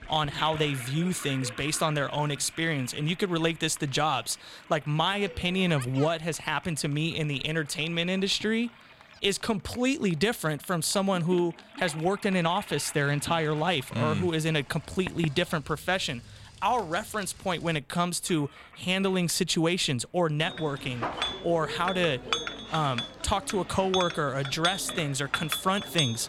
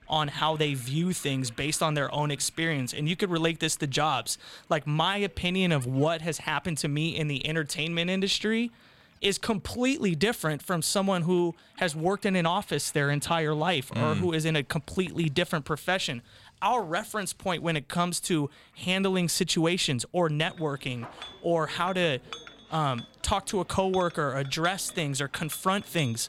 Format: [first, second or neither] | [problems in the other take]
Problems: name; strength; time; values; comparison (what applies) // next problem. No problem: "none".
second | household noises; loud; throughout; 9 dB below the speech; faint in the second